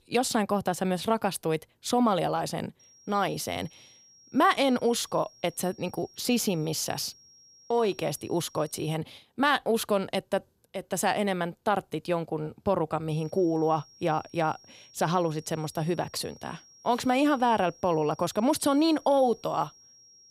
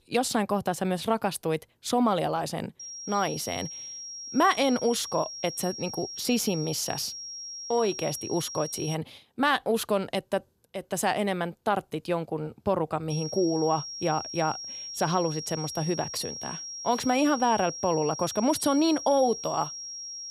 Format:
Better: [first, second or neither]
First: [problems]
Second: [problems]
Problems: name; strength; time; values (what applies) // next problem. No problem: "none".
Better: first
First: high-pitched whine; faint; from 3 to 9 s and from 13 s on; 5.5 kHz, 25 dB below the speech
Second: high-pitched whine; loud; from 3 to 9 s and from 13 s on; 5.5 kHz, 8 dB below the speech